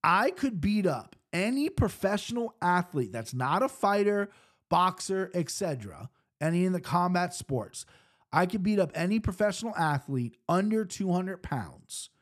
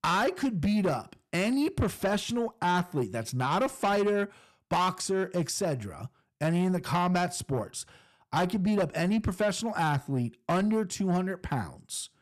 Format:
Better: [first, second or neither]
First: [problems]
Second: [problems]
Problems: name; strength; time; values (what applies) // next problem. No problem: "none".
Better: first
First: none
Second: distortion; slight; 10 dB below the speech